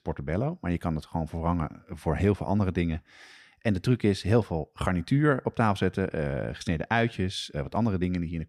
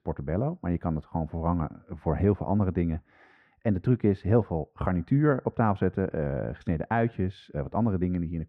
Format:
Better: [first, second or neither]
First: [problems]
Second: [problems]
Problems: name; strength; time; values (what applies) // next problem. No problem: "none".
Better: first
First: none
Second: muffled; very; fading above 3 kHz